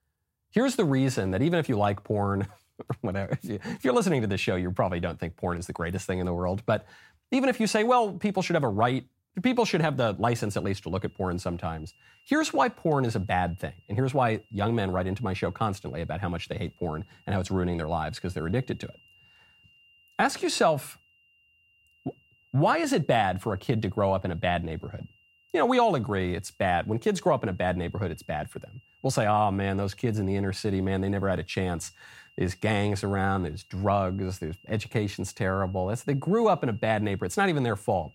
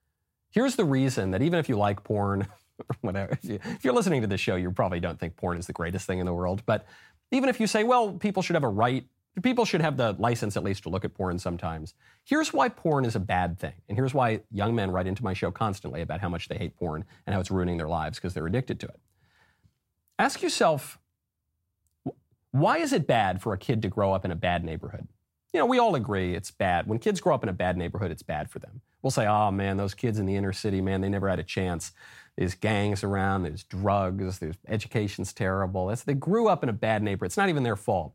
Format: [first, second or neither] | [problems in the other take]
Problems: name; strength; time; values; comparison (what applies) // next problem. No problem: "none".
second | high-pitched whine; faint; from 10 s on; 3 kHz, 30 dB below the speech